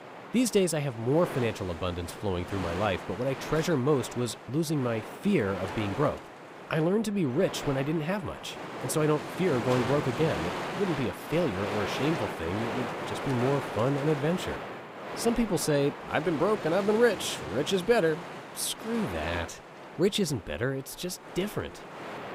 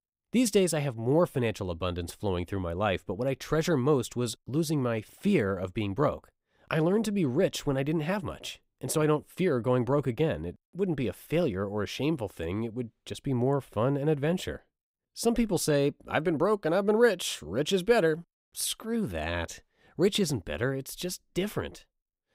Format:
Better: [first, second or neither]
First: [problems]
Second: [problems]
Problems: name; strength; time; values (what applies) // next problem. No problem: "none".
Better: second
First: wind noise on the microphone; heavy; 6 dB below the speech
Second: none